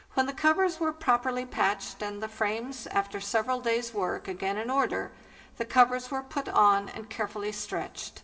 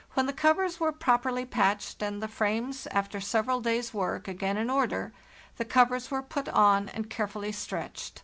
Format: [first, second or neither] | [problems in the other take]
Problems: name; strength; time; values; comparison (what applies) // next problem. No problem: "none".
second | room echo; dies away in 2.2 s